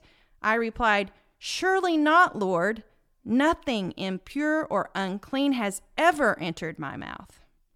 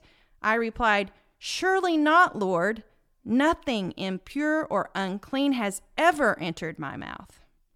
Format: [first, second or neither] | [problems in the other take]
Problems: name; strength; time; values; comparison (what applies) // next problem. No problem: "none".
neither | none